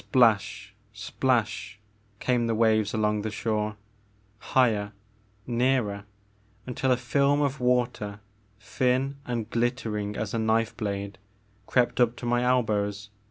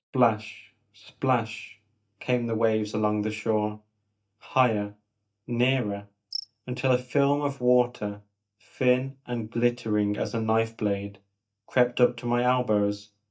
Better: first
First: none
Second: noise reduction (neural mask model DeepFilterNet 3)

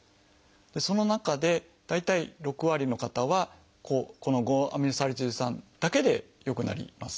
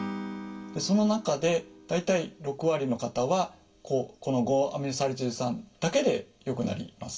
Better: first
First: none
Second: background sound (Acoustic guitar / Strum); 16 dB below the speech // room echo; dies away in 0.2 s

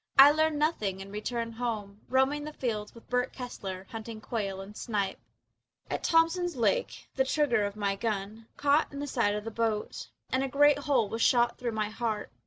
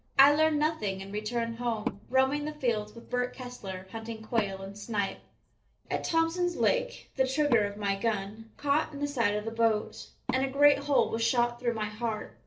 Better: first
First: none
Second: background sound (Wood); 16 dB below the speech // room echo; dies away in 0.3 s

